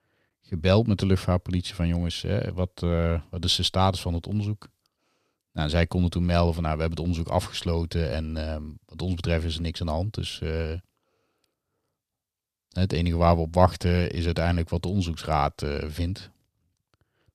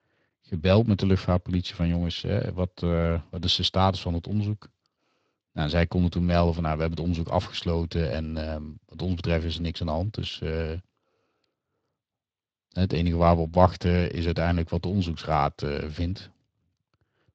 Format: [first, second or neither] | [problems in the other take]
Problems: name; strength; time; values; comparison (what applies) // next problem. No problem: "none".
first | garbled, watery; slightly